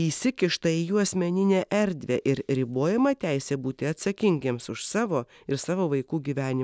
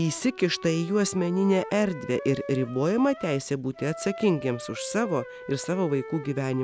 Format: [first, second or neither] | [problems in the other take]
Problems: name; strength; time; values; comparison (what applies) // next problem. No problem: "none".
first | background sound (Wind instrument, woodwind instrument); 14 dB below the speech